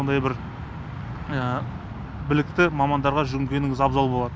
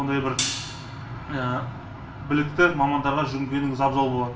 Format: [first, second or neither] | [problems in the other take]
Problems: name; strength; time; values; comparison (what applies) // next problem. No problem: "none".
first | background sound (Hi-hat); 9 dB below the speech // room echo; dies away in 0.4 s